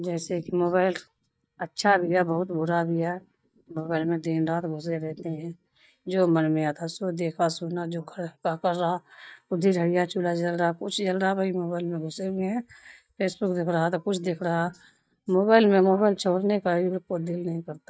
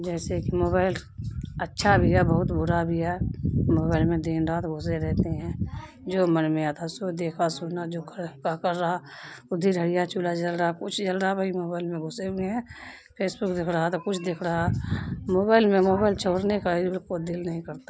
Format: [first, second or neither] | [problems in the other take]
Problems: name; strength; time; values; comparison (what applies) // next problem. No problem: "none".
second | noise reduction (neural mask model DeepFilterNet 3)